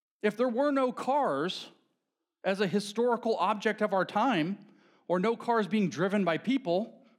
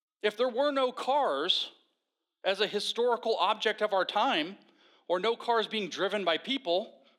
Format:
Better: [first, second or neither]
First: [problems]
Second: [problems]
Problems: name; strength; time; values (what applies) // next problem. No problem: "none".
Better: first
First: none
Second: thin; somewhat; fading below 450 Hz